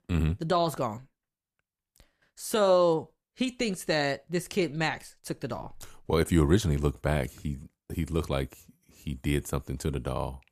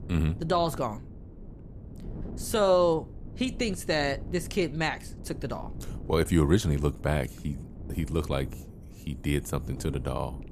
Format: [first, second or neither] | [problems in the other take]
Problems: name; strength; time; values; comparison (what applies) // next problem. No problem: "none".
first | wind noise on the microphone; occasional gusts; 20 dB below the speech